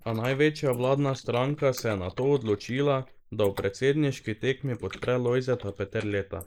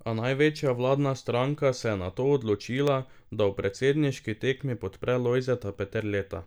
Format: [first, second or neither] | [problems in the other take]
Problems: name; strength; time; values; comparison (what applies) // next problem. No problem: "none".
second | noise reduction (neural mask model Resemble Enhance denoiser)